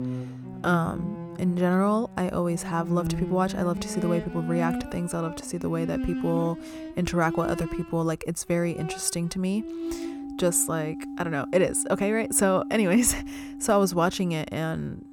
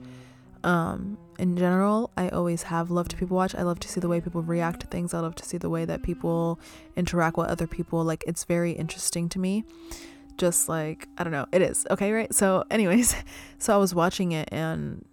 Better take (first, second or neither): second